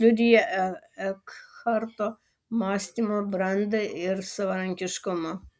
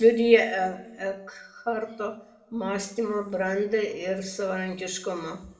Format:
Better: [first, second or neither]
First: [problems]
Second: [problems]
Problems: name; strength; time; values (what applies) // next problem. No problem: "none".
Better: first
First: none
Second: room echo; dies away in 0.7 s